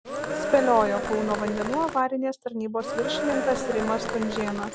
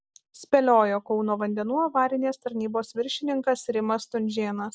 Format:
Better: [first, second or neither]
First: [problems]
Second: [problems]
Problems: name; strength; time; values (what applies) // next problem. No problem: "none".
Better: second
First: background sound (Cheering); 3 dB below the speech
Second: none